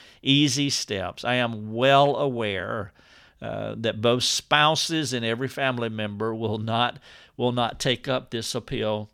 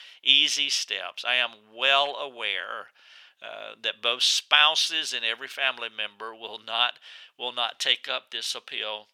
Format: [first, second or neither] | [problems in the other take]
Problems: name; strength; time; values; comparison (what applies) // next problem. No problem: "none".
first | thin; very; fading below 800 Hz